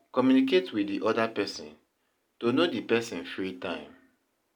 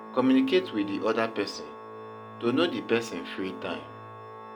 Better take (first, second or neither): first